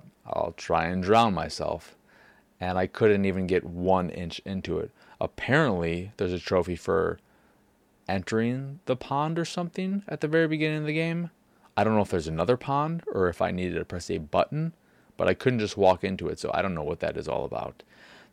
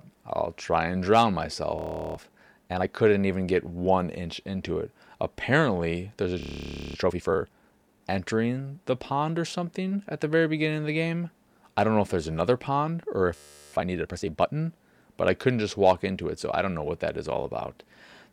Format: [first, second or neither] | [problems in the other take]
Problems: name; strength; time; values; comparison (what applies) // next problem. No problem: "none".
first | audio freezing; at 2 s, at 6.5 s for 0.5 s and at 13 s